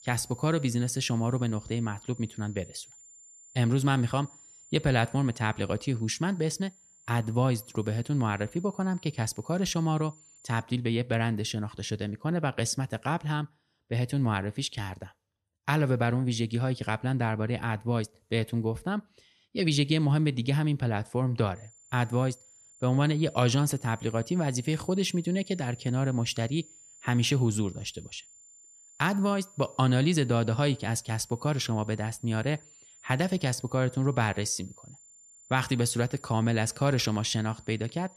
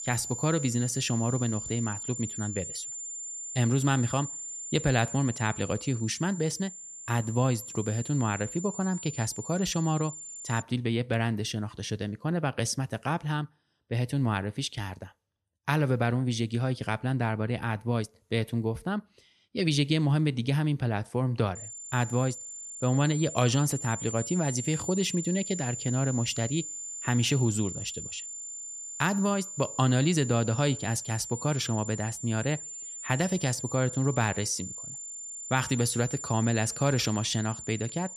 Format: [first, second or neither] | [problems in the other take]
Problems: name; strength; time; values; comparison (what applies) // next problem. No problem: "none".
first | high-pitched whine; loud; until 11 s and from 22 s on; 7 kHz, 8 dB below the speech; faint in the first